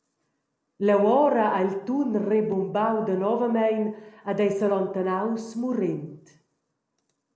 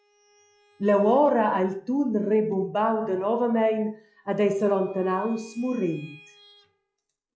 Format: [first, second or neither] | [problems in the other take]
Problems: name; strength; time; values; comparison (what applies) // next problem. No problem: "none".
first | noise reduction (classical method log-MMSE)